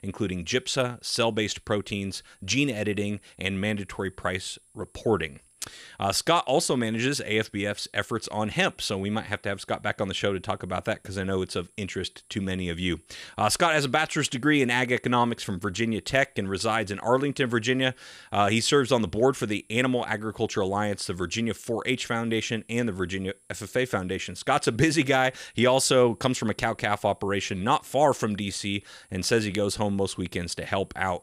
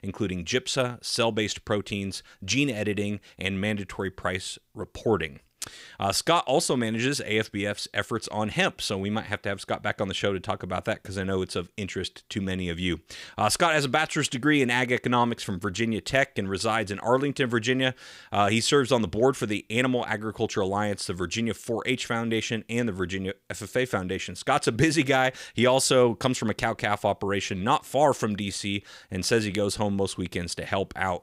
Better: second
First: high-pitched whine; faint; throughout; 10.5 kHz, 30 dB below the speech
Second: none

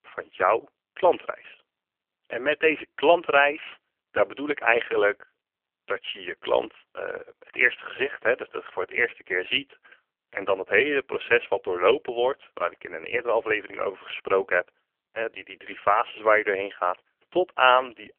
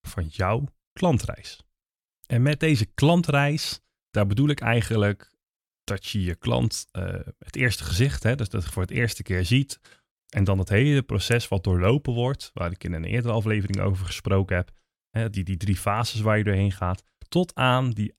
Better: second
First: phone-call audio; poor line; nothing above 3 kHz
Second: none

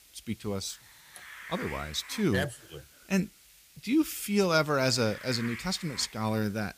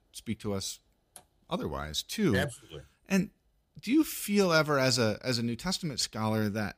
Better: second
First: hiss; noticeable; throughout; 15 dB below the speech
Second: none

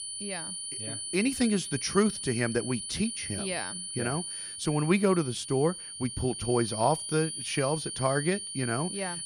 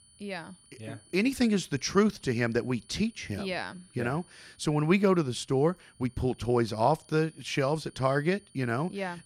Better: second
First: high-pitched whine; loud; throughout; 9.5 kHz, 6 dB below the speech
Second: high-pitched whine; faint; throughout; 9.5 kHz, 30 dB below the speech

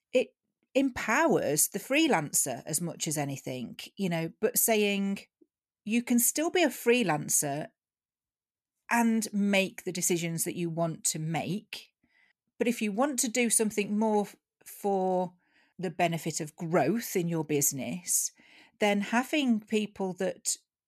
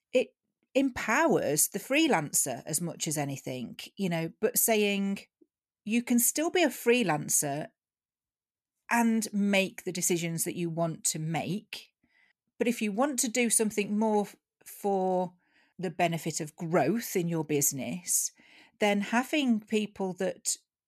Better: neither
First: none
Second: none

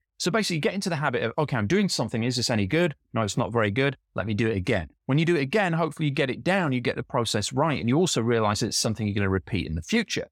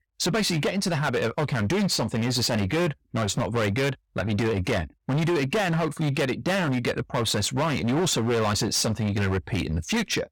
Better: first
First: none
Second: distortion; heavy; 21% of the sound clipped

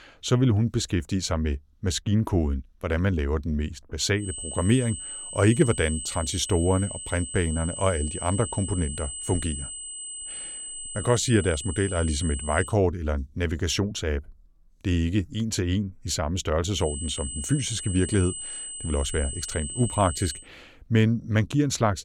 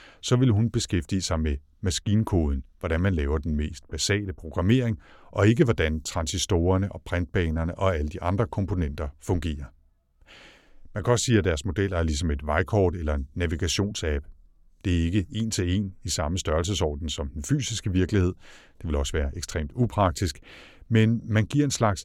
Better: second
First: high-pitched whine; loud; from 4 to 13 s and from 17 to 20 s; 8 kHz, 8 dB below the speech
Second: none

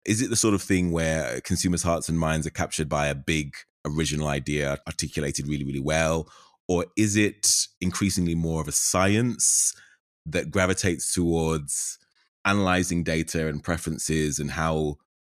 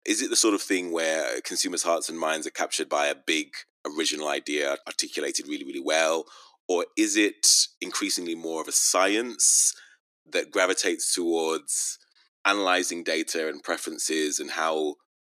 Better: first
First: none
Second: thin; somewhat; fading below 300 Hz

